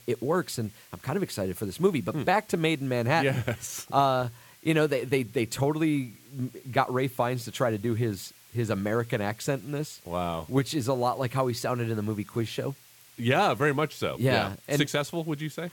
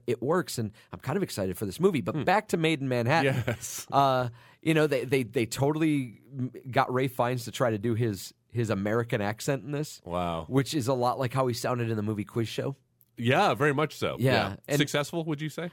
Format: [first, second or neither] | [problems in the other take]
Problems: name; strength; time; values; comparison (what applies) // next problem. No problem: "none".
second | hiss; faint; throughout; 25 dB below the speech